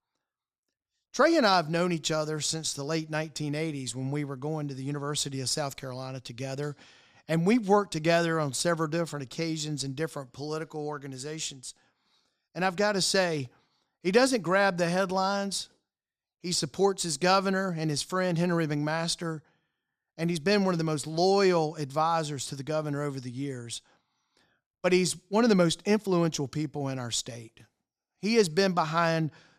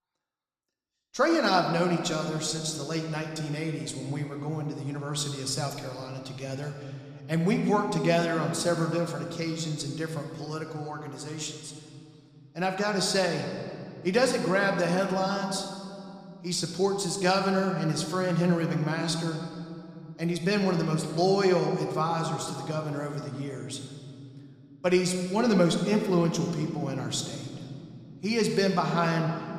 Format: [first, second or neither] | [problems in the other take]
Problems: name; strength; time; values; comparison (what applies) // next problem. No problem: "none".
first | room echo; slight; dies away in 2.1 s